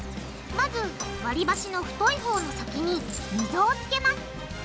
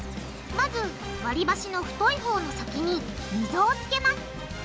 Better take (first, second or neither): second